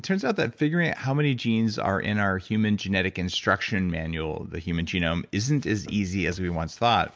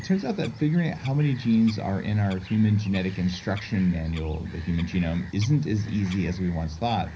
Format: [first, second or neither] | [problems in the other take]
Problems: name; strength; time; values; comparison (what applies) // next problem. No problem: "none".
first | background sound (Bird vocalization, bird call, bird song); 19 dB below the speech // room echo; dies away in 0.5 s